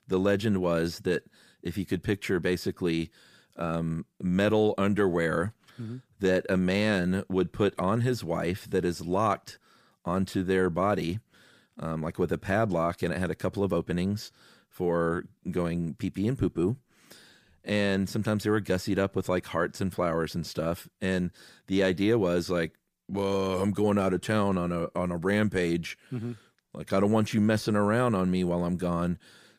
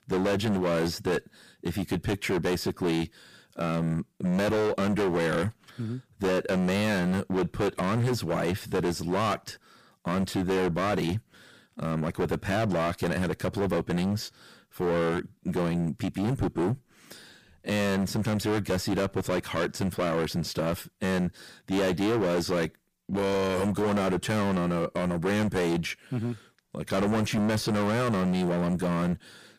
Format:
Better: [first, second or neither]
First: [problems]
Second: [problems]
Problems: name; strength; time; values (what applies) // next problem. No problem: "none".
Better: first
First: none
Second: distortion; heavy; 22% of the sound clipped